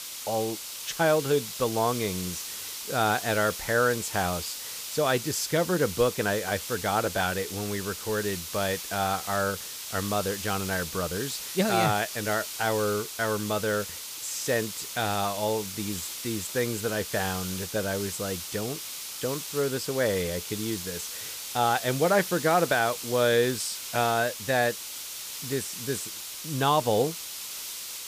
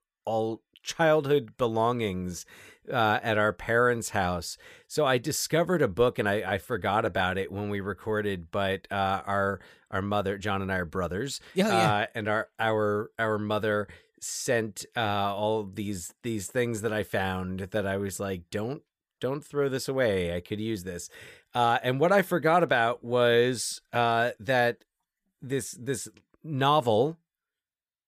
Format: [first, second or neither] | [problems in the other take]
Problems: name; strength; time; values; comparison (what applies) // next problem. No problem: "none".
second | hiss; loud; throughout; 6 dB below the speech